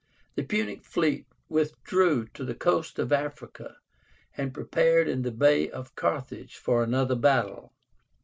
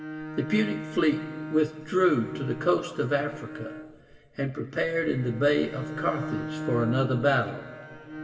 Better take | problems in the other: first | background sound (Bowed string instrument); 10 dB below the speech // room echo; dies away in 3 s

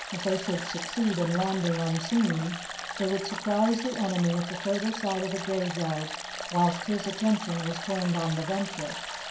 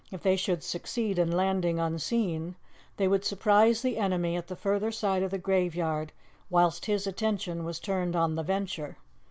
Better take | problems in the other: second | background sound (Stream); 8 dB below the speech // room echo; dies away in 0.5 s

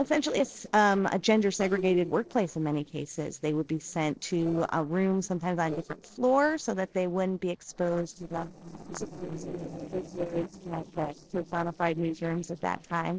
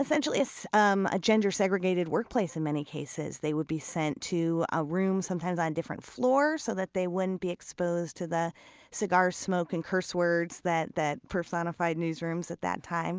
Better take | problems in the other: second | noise reduction (neural separator model SepFormer DNS4)

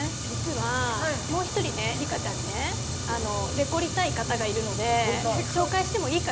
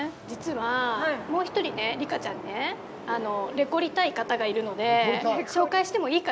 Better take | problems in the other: second | background sound (Fire); 2 dB below the speech

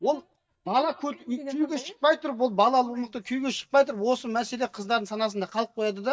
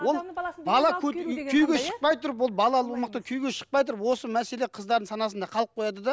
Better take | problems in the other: second | noise reduction (neural mask model DeepFilterNet 3)

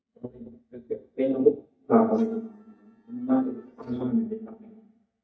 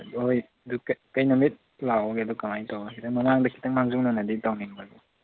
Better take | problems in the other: second | noise reduction (neural mask model DeepFilterNet 3)

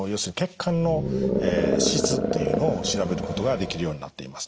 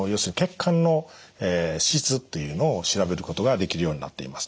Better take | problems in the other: second | background sound (Animal); 1 dB above the speech

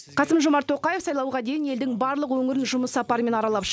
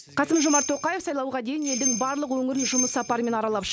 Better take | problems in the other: first | background sound (Bell); 4 dB below the speech

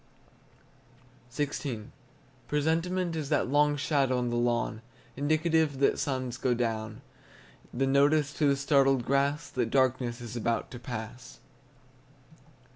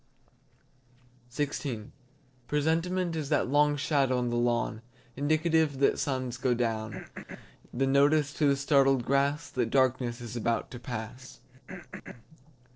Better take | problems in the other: first | noise reduction (neural separator model SepFormer DNS4)

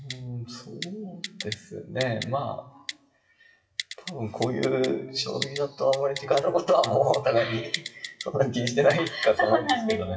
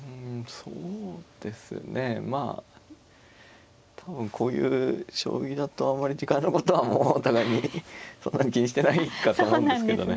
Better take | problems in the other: second | noise reduction (classical method WPE with log-MMSE)

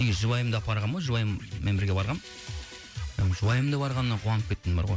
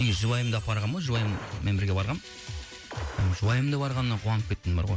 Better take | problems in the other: first | background sound (Gunshot, gunfire + Chime); 18 dB below the speech

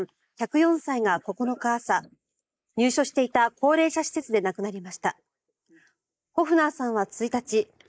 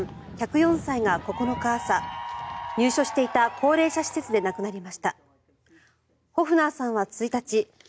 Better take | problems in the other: second | noise reduction (neural mask model Resemble Enhance denoiser)

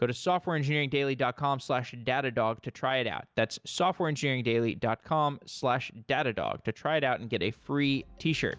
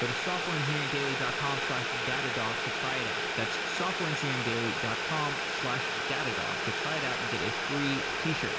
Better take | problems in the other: first | background sound (Boiling); 3 dB above the speech // room echo; dies away in 2.1 s

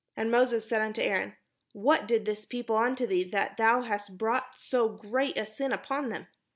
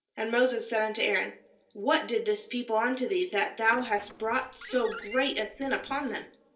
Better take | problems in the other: first | noise reduction (neural separator model SepFormer DNS4)

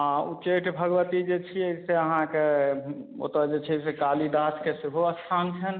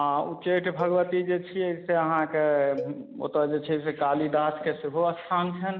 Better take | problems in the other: first | background sound (Cowbell); 17 dB below the speech

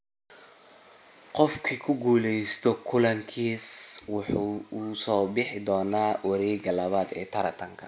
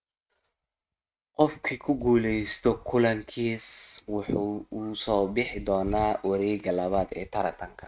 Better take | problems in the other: first | noise reduction (neural mask model RNNoise)

